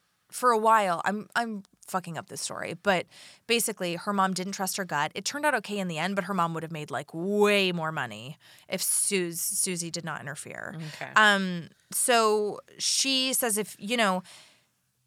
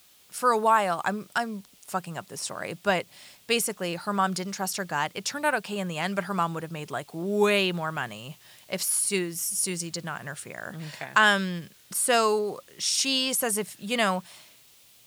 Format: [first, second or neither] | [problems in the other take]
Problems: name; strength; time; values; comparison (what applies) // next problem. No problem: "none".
first | hiss; faint; throughout; 25 dB below the speech